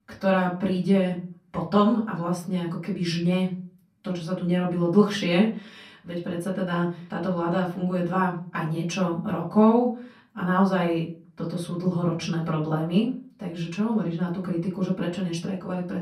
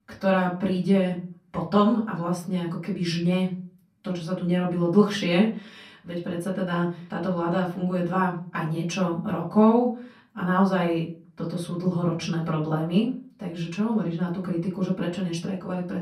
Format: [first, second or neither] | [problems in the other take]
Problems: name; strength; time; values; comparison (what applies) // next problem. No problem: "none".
neither | off-mic speech; far; the same in both // room echo; slight; dies away in 0.4 s; the same in both